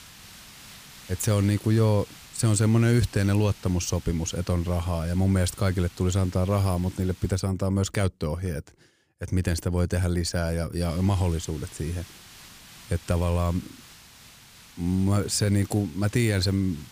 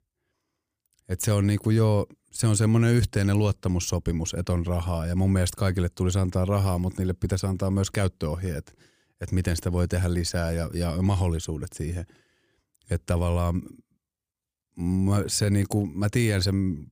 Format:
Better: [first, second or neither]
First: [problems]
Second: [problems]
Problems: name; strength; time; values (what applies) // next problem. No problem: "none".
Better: second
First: hiss; faint; until 7.5 s and from 11 s on; 20 dB below the speech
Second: none